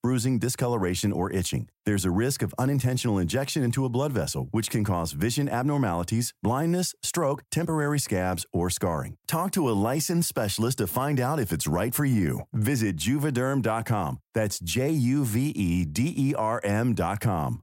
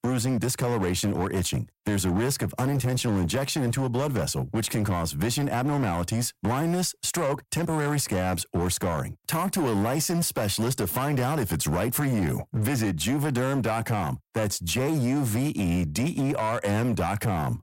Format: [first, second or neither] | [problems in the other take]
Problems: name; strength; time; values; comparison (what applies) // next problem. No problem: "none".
first | distortion; slight; 20% of the sound clipped